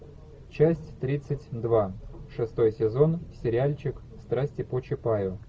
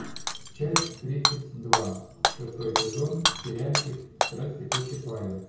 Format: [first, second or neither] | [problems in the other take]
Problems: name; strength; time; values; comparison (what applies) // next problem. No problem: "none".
first | background sound (Shatter / Hammer); 2 dB above the speech // room echo; dies away in 0.6 s